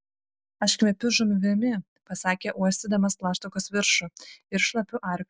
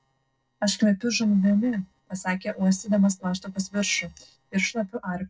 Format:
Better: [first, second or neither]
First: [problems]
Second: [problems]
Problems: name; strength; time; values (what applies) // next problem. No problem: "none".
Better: first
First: none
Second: noise reduction (neural separator model SepFormer DNS4)